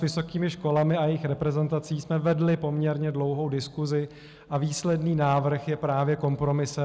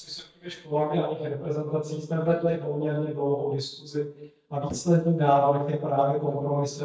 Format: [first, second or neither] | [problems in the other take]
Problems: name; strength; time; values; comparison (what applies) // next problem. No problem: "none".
first | noise reduction (neural mask model DeepFilterNet 3)